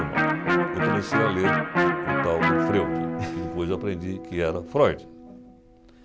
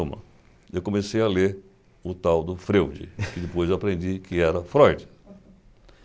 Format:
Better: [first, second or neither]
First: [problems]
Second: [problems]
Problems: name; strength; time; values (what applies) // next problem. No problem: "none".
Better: second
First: background sound (Electric guitar); 2 dB above the speech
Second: none